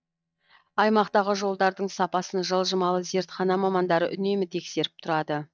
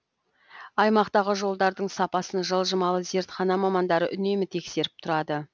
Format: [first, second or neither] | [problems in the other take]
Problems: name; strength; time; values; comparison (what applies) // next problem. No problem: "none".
second | noise reduction (neural mask model DeepFilterNet 3)